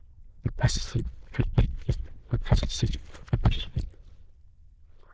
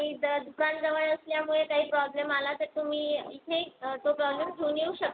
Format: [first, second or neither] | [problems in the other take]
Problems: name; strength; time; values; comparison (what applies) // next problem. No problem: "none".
second | noise reduction (neural diffusion model UNIVERSE++)